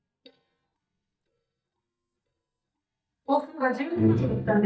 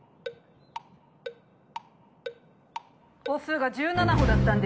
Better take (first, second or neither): second